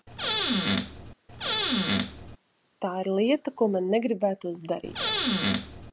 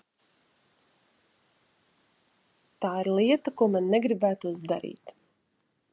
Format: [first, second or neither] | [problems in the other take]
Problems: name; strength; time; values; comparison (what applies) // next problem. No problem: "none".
second | background sound (Squeak / Cupboard open or close); 2 dB above the speech